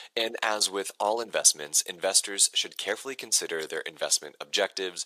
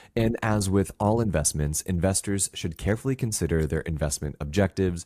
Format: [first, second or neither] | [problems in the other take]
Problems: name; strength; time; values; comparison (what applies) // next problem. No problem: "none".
second | thin; very; fading below 500 Hz